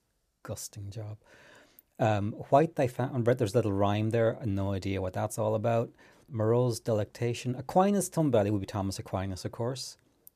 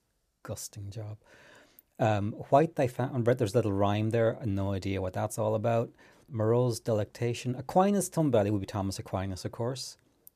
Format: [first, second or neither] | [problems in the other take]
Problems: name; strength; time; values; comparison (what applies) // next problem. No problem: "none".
neither | none